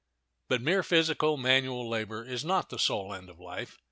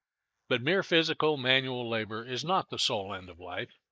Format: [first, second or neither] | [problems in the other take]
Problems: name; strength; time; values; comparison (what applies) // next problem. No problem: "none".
first | noise reduction (neural mask model Resemble Enhance denoiser)